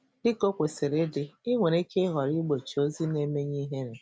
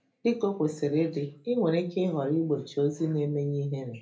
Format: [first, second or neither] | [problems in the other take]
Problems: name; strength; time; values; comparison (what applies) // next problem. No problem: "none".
first | room echo; dies away in 0.3 s